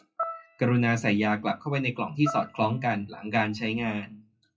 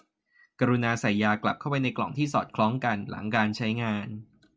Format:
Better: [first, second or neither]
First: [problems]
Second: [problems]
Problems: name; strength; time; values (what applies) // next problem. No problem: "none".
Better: second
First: noise reduction (classical method WPE with log-MMSE)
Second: none